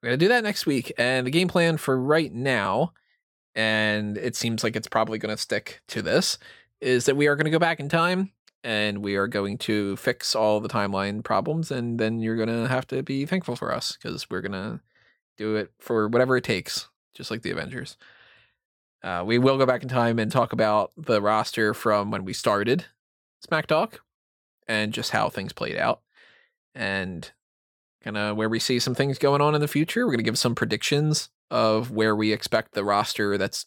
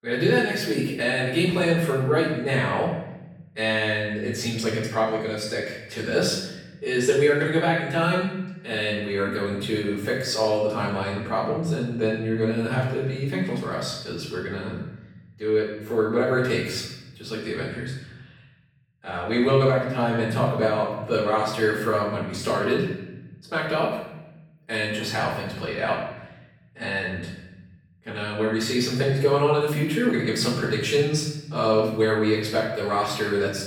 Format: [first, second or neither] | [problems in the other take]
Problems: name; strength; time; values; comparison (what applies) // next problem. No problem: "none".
first | off-mic speech; far // room echo; noticeable; dies away in 0.9 s